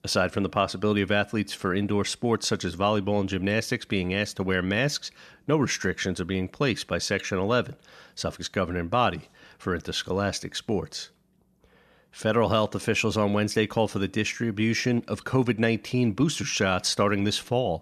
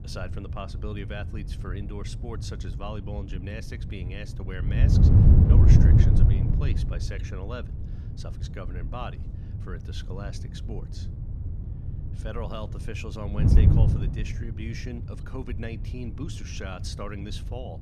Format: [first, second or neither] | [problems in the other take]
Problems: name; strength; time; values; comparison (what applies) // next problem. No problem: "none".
first | wind noise on the microphone; heavy; 2 dB above the speech